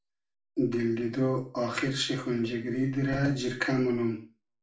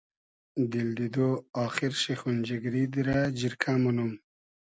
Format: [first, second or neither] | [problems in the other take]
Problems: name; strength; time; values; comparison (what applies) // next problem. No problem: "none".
second | room echo; dies away in 0.3 s